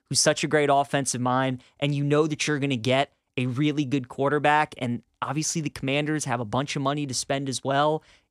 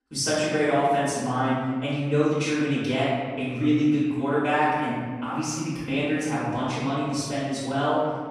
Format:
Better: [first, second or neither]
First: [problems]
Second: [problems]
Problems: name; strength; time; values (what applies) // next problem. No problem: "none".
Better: first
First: none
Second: off-mic speech; far // room echo; strong; dies away in 1.7 s